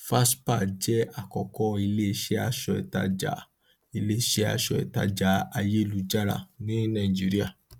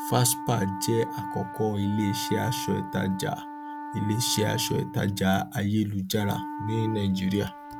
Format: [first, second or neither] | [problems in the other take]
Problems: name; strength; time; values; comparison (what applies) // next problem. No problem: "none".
first | background sound (Wind instrument, woodwind instrument); 9 dB below the speech